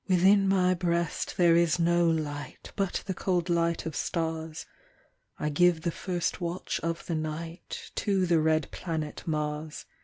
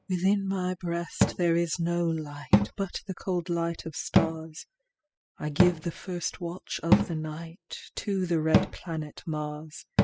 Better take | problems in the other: first | noise reduction (classical method spectral subtraction)

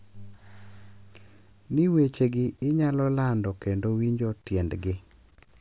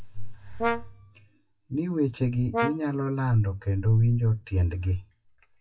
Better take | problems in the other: first | noise reduction (classical method WPE with log-MMSE)

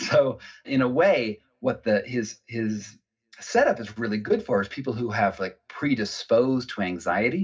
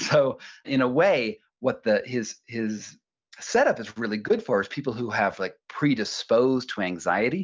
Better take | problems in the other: second | room echo; dies away in 0.4 s

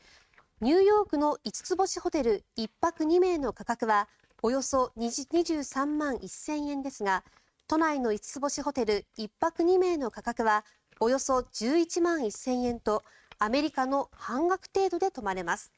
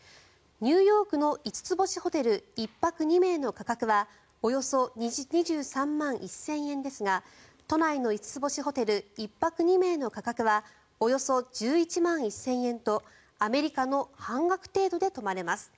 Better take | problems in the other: second | noise reduction (neural mask model RNNoise)

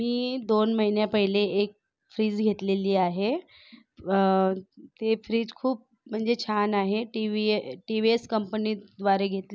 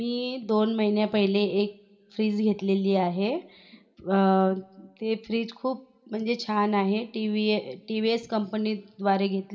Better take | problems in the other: first | room echo; dies away in 0.5 s

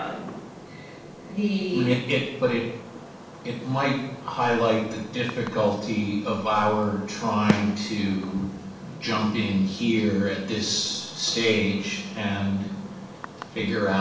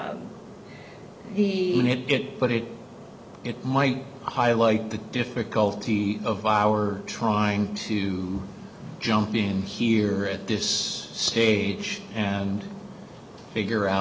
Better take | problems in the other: second | background sound (Fireworks); 15 dB below the speech // room echo; dies away in 0.7 s

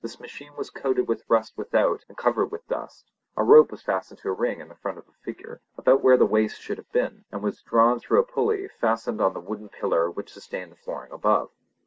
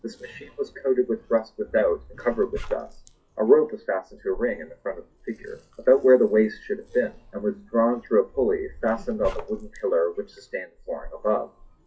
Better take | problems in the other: first | noise reduction (classical method WPE with log-MMSE)

